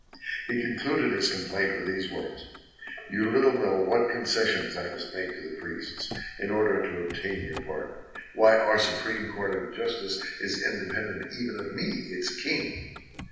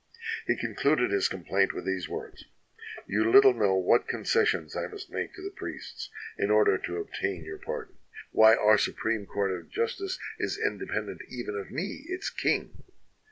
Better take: second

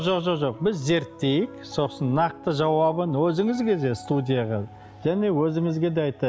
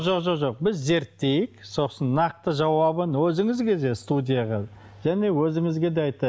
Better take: second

